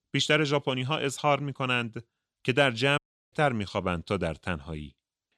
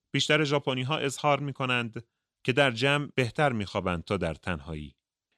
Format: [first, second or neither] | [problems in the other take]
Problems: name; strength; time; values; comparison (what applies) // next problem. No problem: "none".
second | audio cutting out; at 3 s